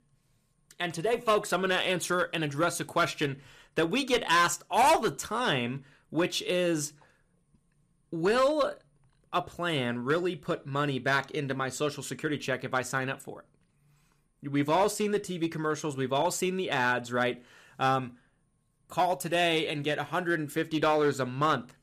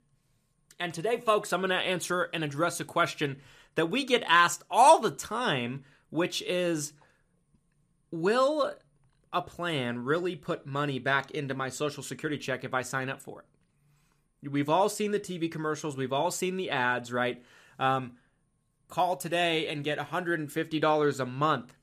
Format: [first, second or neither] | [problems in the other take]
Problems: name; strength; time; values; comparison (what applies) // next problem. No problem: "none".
second | distortion; slight; 3% of the sound clipped